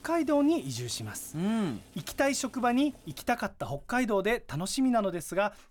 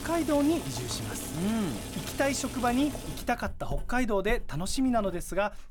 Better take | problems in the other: first | household noises; loud; throughout; 9 dB below the speech; faint in the first

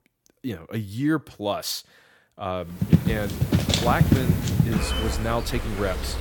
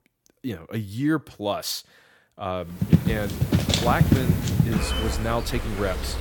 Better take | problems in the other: neither | animal sounds; very loud; from 3 s on; 5 dB above the speech; the same in both

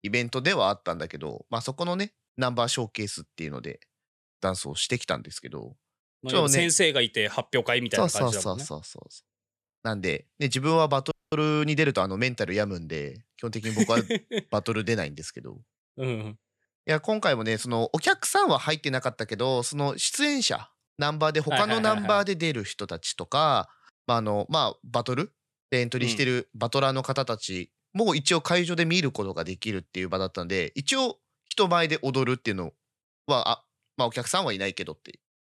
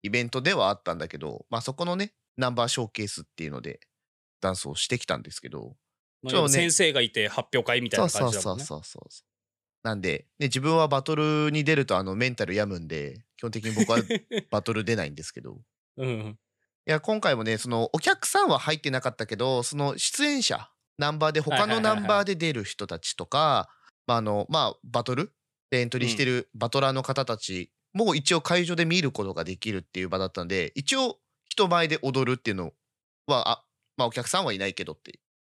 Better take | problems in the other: second | audio freezing; at 11 s

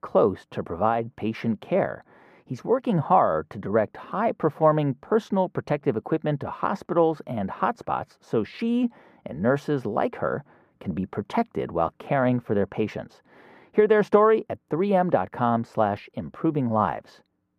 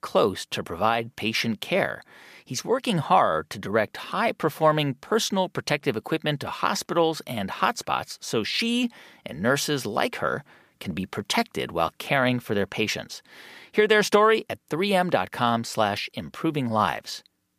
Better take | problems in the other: second | muffled; very; fading above 2 kHz

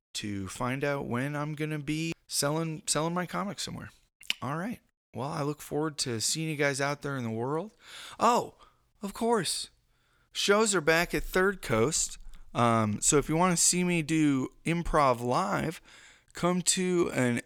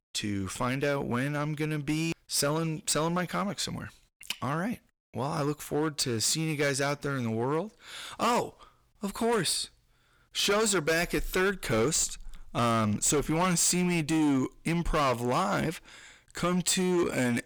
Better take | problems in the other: first | distortion; heavy; 10% of the sound clipped

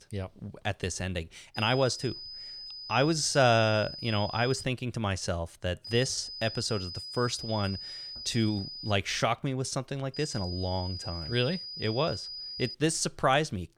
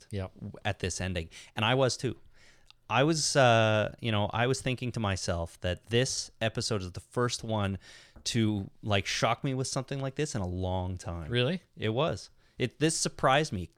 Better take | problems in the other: second | high-pitched whine; loud; from 1.5 to 4.5 s, from 6 to 9 s and from 10 to 13 s; 5 kHz, 9 dB below the speech

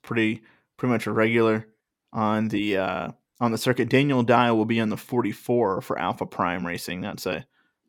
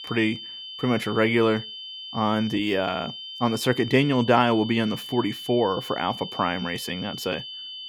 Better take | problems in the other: first | high-pitched whine; noticeable; throughout; 3 kHz, 10 dB below the speech

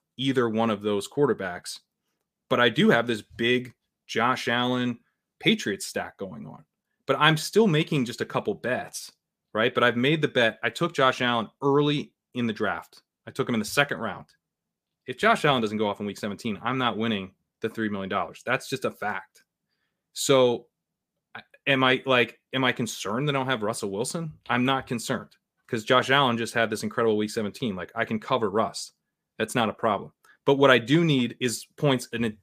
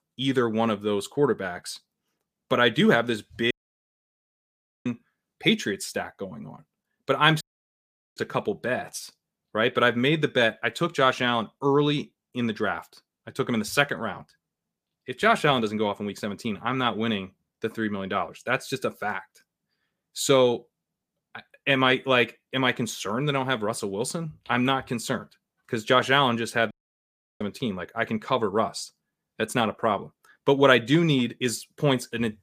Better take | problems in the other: first | audio cutting out; at 3.5 s for 1.5 s, at 7.5 s for 1 s and at 27 s for 0.5 s

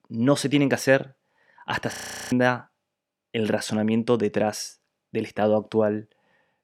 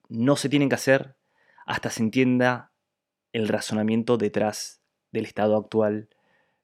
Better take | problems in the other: second | audio freezing; at 2 s

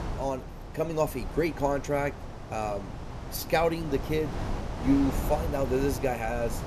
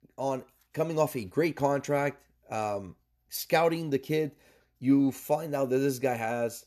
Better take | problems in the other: second | wind noise on the microphone; occasional gusts; 10 dB below the speech

